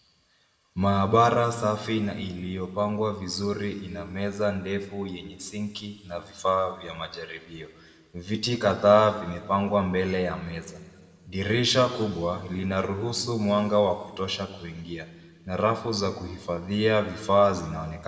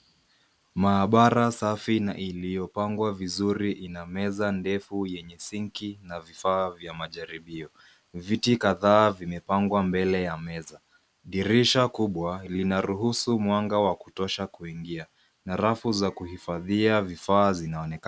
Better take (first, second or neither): second